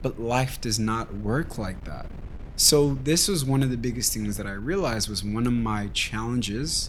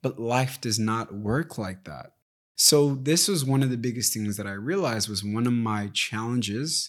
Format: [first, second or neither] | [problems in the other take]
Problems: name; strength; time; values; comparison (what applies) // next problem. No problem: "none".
second | wind noise on the microphone; occasional gusts; 25 dB below the speech